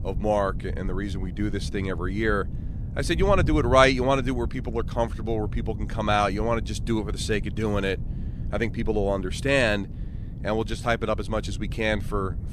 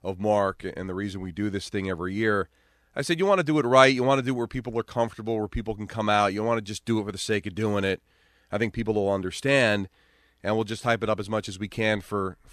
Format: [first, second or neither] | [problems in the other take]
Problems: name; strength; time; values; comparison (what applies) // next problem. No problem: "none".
second | wind noise on the microphone; occasional gusts; 20 dB below the speech